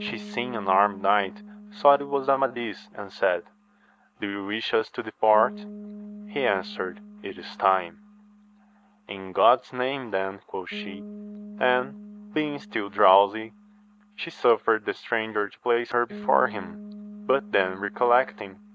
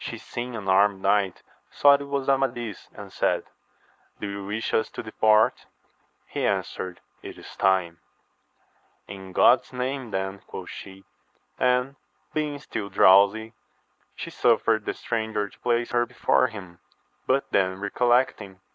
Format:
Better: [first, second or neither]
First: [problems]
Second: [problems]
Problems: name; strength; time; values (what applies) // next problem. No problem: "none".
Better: second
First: background sound (Bass guitar); 17 dB below the speech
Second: none